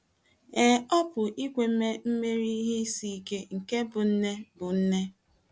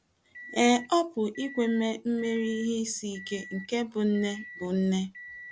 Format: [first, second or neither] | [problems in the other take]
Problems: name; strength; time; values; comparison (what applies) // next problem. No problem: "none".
first | background sound (Microwave oven); 18 dB below the speech